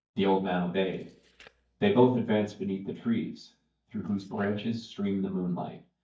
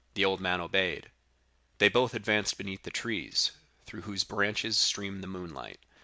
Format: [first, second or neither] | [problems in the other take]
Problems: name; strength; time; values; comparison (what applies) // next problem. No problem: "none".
second | noise reduction (neural mask model DeepFilterNet 3)